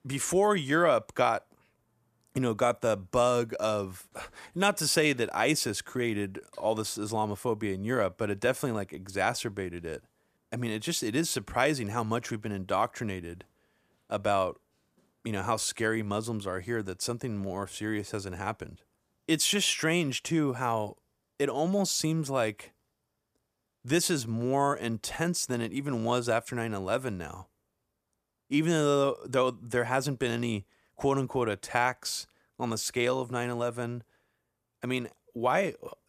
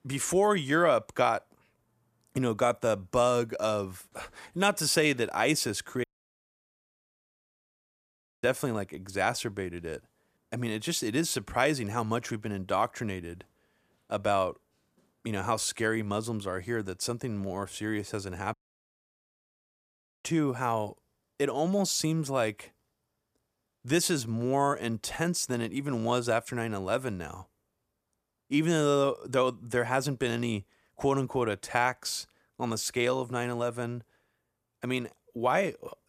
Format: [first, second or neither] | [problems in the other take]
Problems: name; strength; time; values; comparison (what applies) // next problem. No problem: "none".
first | audio cutting out; at 6 s for 2.5 s and at 19 s for 1.5 s